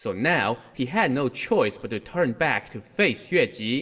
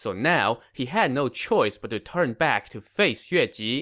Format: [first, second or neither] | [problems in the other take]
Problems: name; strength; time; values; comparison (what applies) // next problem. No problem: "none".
second | room echo; dies away in 1.6 s